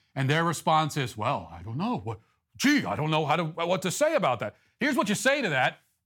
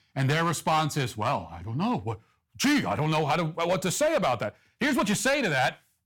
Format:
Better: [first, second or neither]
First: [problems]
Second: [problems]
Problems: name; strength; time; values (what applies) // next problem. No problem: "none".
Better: first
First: none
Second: distortion; slight; 8% of the sound clipped